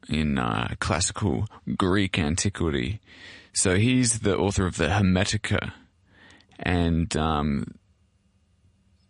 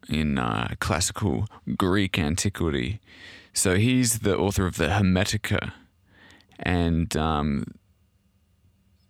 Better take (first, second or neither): second